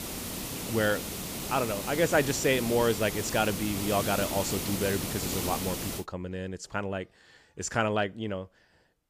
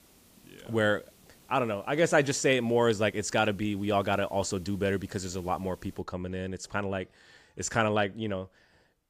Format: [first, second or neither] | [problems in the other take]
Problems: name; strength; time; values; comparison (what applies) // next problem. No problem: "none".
second | hiss; loud; until 6 s; 4 dB below the speech; faint in the second